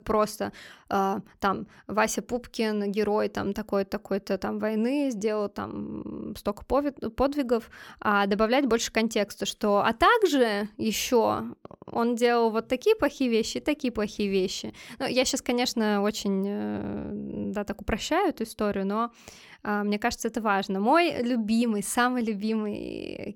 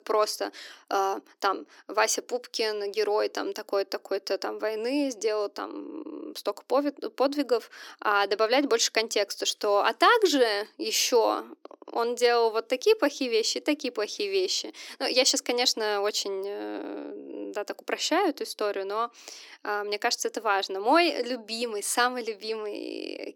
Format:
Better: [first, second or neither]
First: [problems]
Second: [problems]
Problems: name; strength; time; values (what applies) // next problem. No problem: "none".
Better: first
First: none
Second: thin; somewhat; fading below 300 Hz